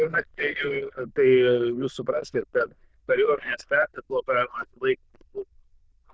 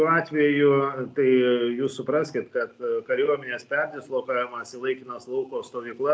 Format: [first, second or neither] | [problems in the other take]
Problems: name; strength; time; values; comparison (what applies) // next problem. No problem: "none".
second | noise reduction (neural diffusion model UNIVERSE++)